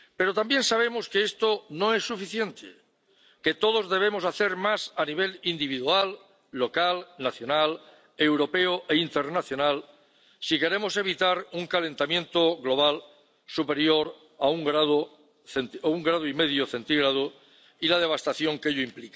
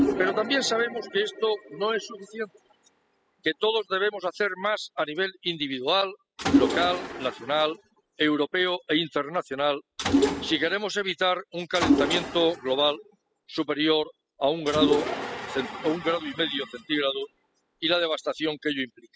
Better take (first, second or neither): first